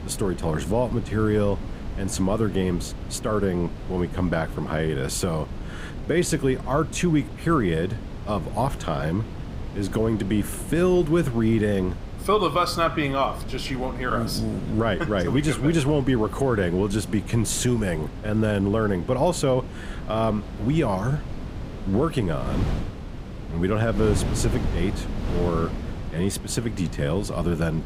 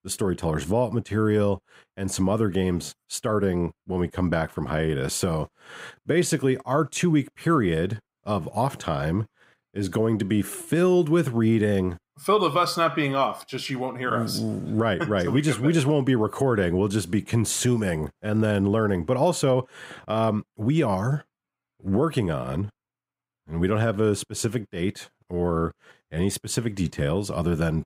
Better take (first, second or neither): second